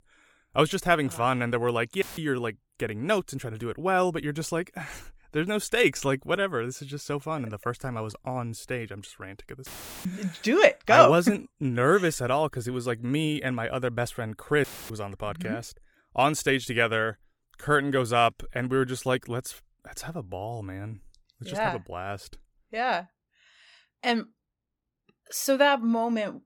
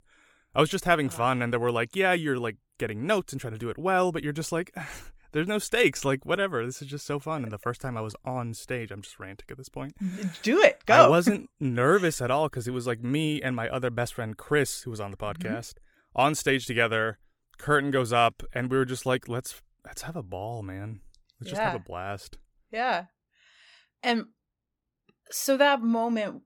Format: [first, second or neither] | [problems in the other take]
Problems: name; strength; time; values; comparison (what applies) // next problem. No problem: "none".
second | audio cutting out; filled with static; at 2 s, at 9.5 s and at 15 s